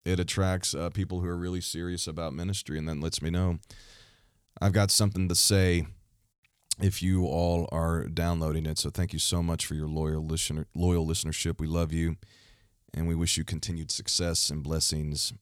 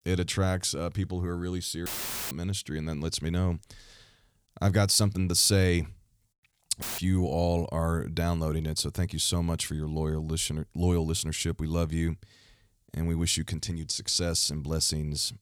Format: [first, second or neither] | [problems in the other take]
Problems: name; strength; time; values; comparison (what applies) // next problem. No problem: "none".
first | audio cutting out; filled with static; at 2 s and at 7 s